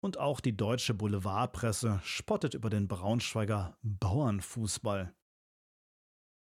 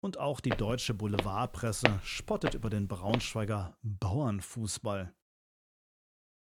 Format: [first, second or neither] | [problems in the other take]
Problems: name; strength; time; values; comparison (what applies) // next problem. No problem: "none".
first | footsteps; loud; until 3 s; peak 4 dB above the speech